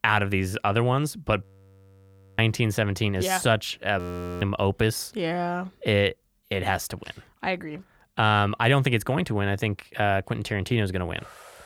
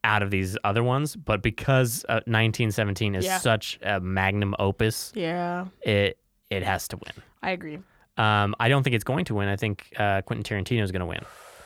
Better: second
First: audio freezing; at 1.5 s for 1 s and at 4 s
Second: none

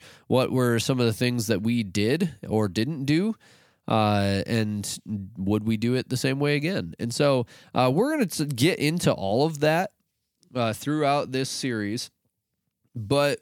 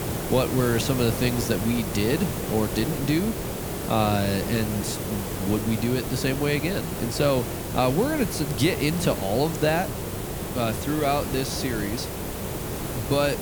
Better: first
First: none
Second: hiss; loud; throughout; 4 dB below the speech

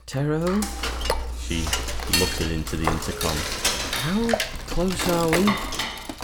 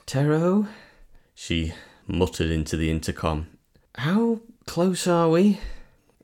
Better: second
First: clattering dishes; loud; peak 5 dB above the speech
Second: none

